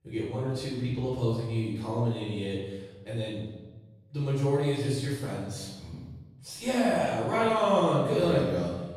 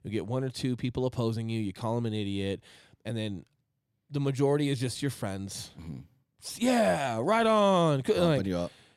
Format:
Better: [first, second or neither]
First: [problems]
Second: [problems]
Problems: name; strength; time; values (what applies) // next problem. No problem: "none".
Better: second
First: off-mic speech; far // room echo; noticeable; dies away in 1 s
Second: none